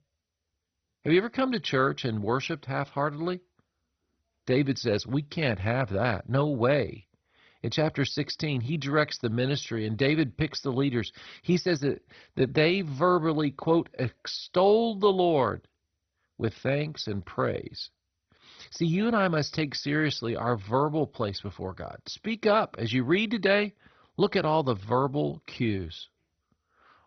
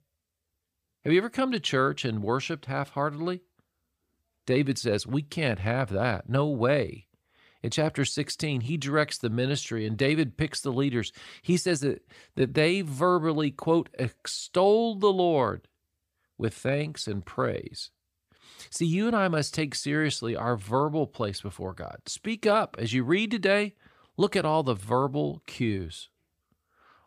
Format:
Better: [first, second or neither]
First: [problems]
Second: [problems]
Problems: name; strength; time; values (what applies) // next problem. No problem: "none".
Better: second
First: garbled, watery; badly; nothing above 6 kHz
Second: none